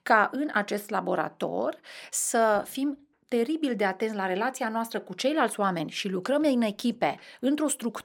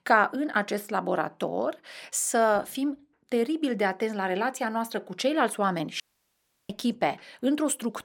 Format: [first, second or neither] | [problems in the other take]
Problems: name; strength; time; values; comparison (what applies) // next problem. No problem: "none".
first | audio cutting out; at 6 s for 0.5 s